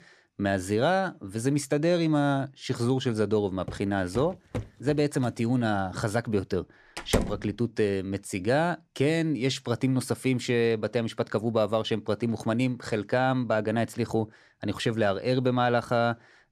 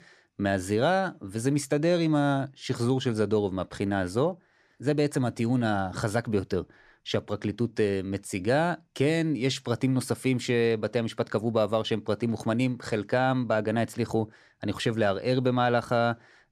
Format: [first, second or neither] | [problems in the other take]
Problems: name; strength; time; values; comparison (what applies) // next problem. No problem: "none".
second | footsteps; noticeable; from 3.5 to 5.5 s; peak 10 dB below the speech // door banging; noticeable; at 7 s; peak 3 dB below the speech